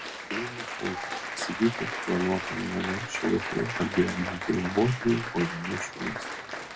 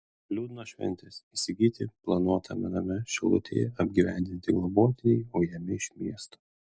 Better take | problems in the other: second | background sound (Applause); 5 dB below the speech // room echo; dies away in 0.2 s

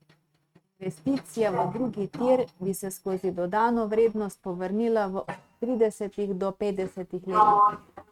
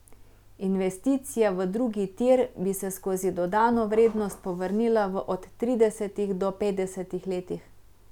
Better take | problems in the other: second | noise reduction (neural mask model RNNoise)

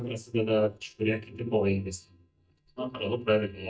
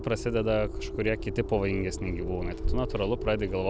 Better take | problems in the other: second | noise reduction (neural mask model DeepFilterNet 3)

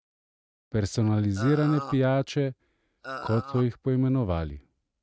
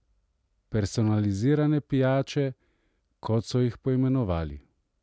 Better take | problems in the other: second | noise reduction (neural mask model RNNoise)

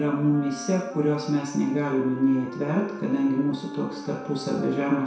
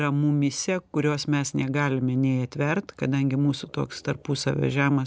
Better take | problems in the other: second | background sound (Wind instrument, woodwind instrument); 14 dB below the speech // room echo; dies away in 0.7 s

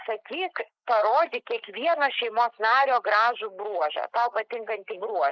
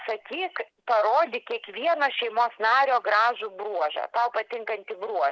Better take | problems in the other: second | noise reduction (neural mask model Resemble Enhance denoiser)

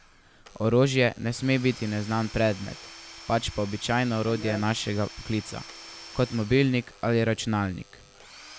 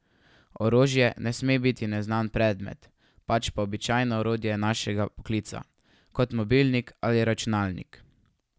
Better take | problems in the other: second | background sound (Tools / Domestic sounds, home sounds + Alarm / Door); 17 dB below the speech

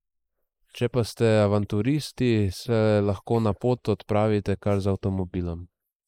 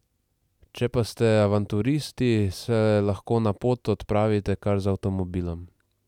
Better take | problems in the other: second | noise reduction (neural mask model Resemble Enhance denoiser)

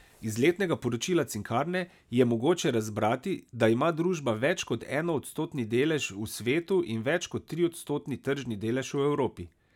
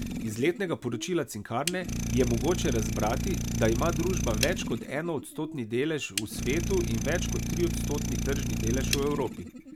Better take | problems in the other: first | background sound (Idling); 1 dB below the speech

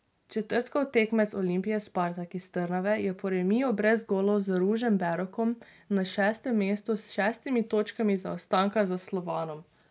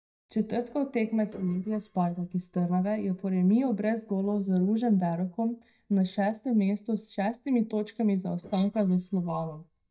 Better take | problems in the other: first | noise reduction (neural mask model DeepFilterNet 3)

